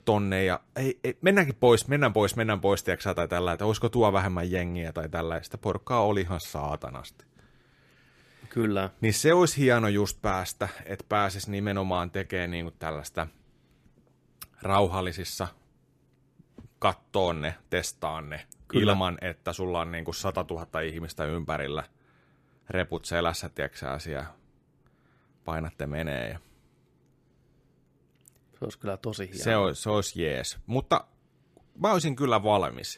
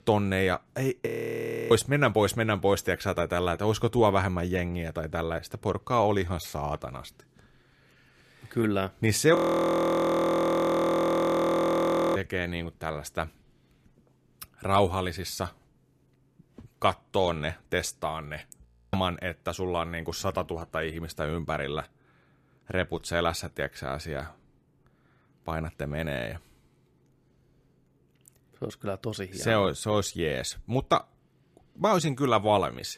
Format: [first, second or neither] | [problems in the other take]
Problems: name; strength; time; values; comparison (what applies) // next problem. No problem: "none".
first | audio freezing; at 1 s for 0.5 s, at 9.5 s for 3 s and at 19 s